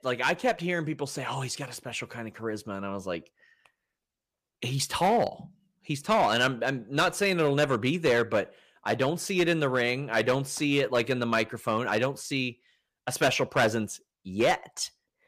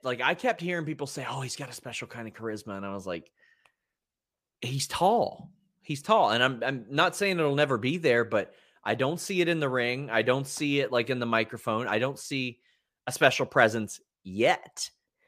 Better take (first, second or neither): second